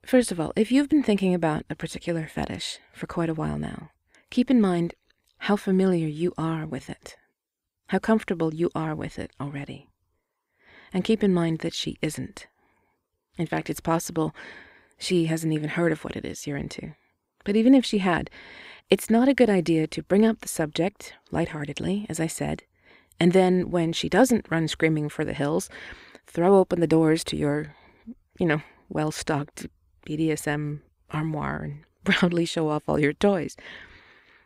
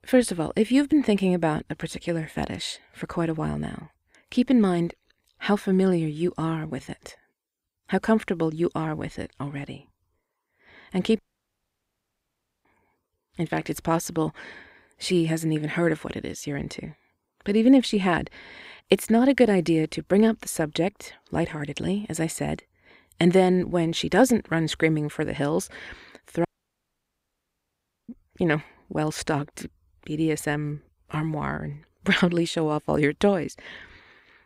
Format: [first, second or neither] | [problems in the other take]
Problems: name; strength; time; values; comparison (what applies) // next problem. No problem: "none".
first | audio cutting out; at 11 s for 1.5 s and at 26 s for 1.5 s